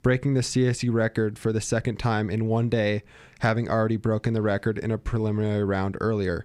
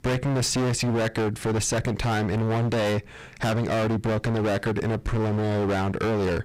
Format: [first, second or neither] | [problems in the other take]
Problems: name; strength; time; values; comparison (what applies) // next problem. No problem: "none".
first | distortion; heavy; 39% of the sound clipped